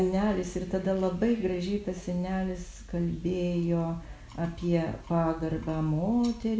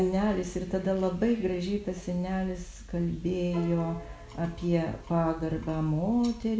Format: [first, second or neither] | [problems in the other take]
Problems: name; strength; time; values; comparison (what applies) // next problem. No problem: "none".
first | background sound (Piano); 19 dB below the speech